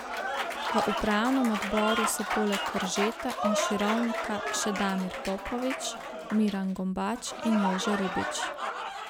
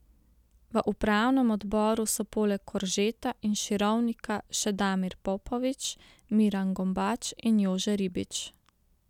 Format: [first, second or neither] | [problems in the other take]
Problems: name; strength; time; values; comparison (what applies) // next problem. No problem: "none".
second | background sound (Applause / Crowd); 3 dB below the speech